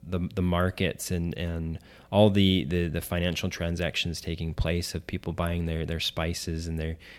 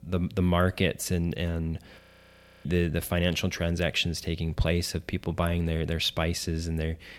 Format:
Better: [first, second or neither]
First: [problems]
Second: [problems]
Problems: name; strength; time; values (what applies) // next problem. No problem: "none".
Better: first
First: none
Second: audio freezing; at 2 s for 0.5 s